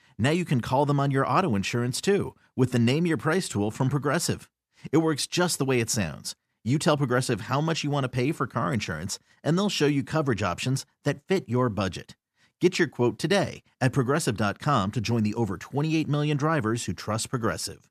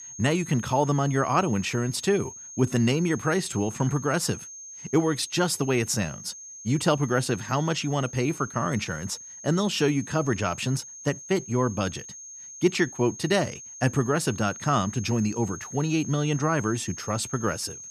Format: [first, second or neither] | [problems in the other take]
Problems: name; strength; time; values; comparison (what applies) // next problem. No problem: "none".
first | high-pitched whine; noticeable; throughout; 6.5 kHz, 15 dB below the speech